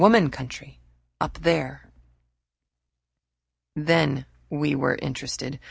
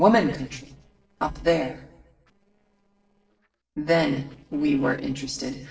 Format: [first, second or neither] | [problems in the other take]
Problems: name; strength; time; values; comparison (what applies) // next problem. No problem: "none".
first | noise reduction (neural separator model SepFormer DNS4)